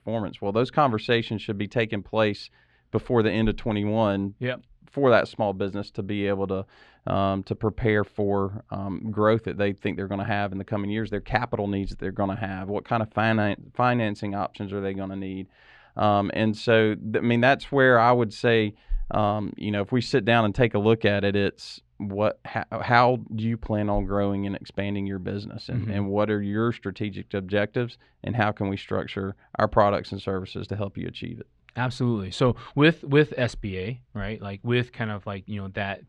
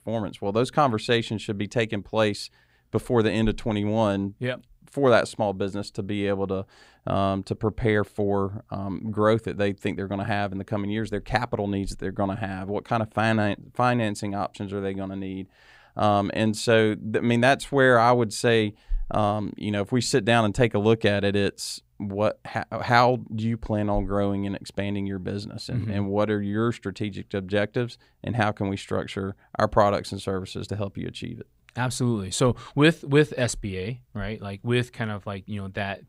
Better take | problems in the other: second | muffled; very slightly; fading above 3 kHz

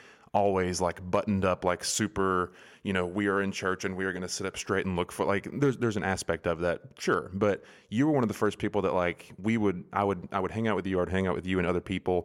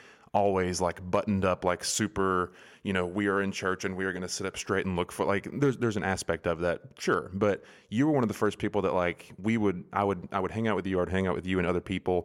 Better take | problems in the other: neither | none

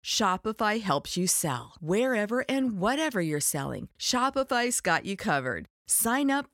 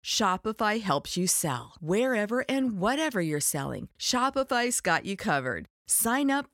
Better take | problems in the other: neither | none

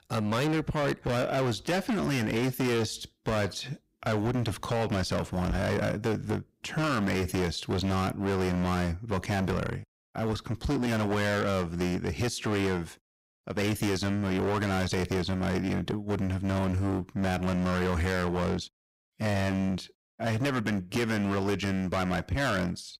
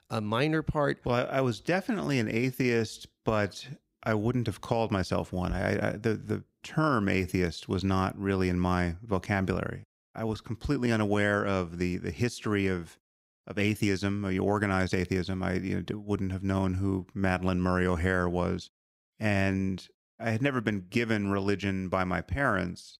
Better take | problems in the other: second | distortion; heavy; 23% of the sound clipped

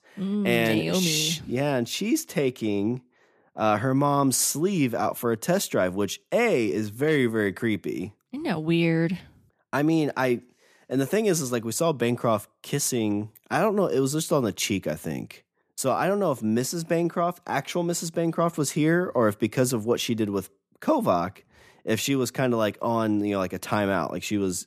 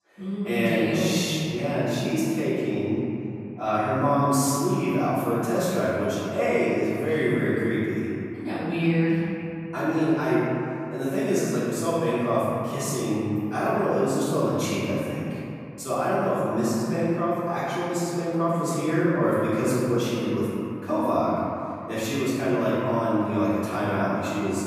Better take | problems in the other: first | off-mic speech; far // room echo; strong; dies away in 2.8 s

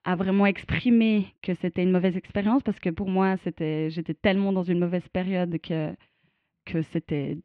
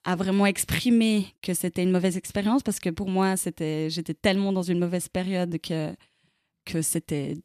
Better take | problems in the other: second | muffled; very; fading above 2.5 kHz

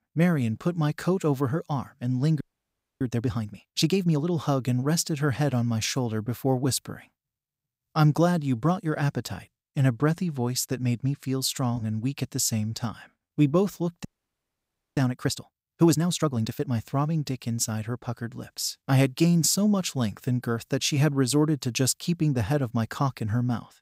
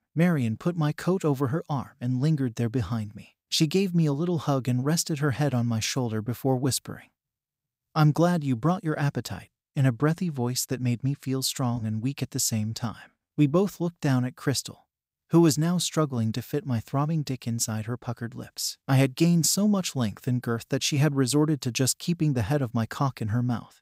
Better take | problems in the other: second | audio freezing; at 2.5 s for 0.5 s and at 14 s for 1 s

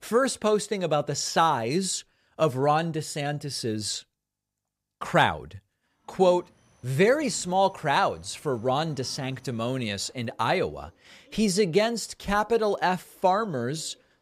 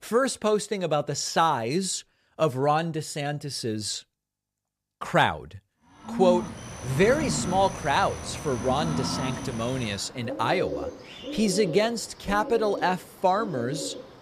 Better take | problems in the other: first | animal sounds; loud; from 6.5 s on; 8 dB below the speech; faint in the first

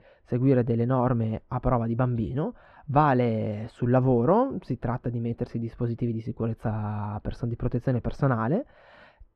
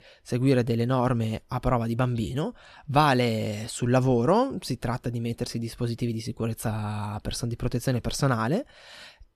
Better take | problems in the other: second | muffled; very; fading above 3.5 kHz

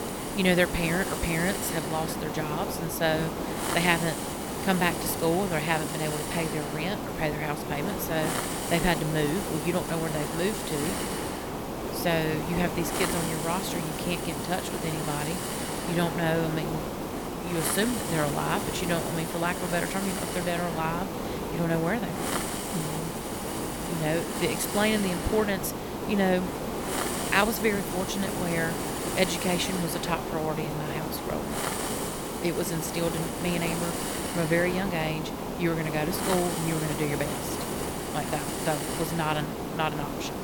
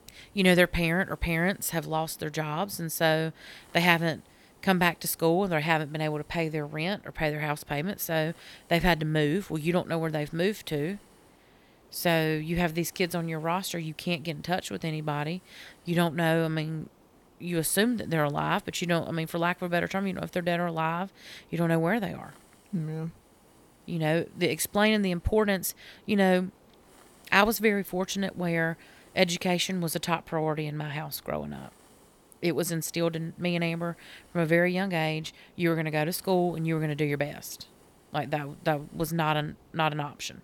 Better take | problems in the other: second | hiss; loud; throughout; 2 dB below the speech; faint in the second

